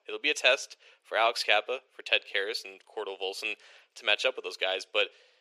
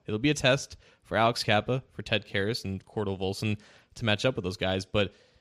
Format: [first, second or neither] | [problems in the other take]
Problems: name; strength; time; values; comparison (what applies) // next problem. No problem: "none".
second | thin; very; fading below 400 Hz